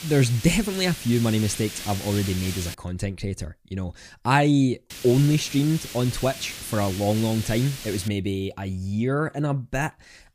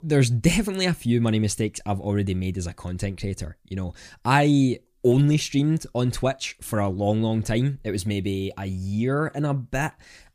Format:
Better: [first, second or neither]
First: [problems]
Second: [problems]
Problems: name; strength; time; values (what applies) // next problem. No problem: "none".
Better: second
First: hiss; noticeable; until 2.5 s and from 5 to 8 s; 10 dB below the speech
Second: none